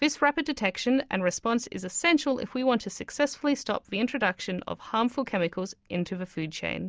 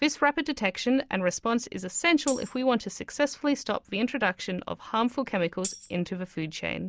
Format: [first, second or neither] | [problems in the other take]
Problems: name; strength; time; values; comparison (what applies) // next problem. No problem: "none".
first | background sound (Tambourine); 15 dB below the speech